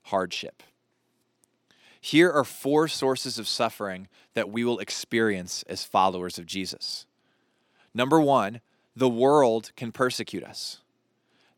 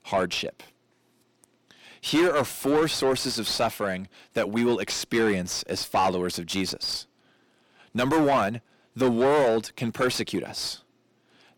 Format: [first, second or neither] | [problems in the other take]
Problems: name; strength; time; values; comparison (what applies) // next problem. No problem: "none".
first | distortion; heavy; 6 dB below the speech